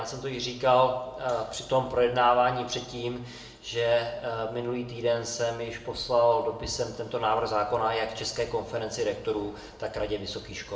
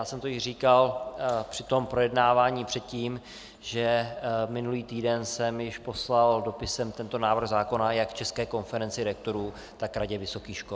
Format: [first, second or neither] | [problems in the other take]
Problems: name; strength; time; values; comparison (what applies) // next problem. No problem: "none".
second | room echo; dies away in 0.6 s